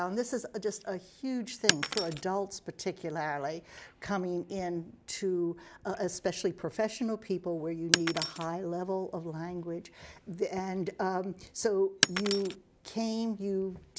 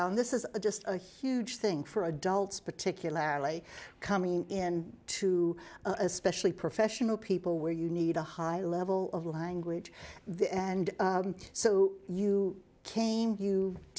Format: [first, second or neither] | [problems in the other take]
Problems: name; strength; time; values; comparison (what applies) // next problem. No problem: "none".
second | background sound (Shatter); 1 dB below the speech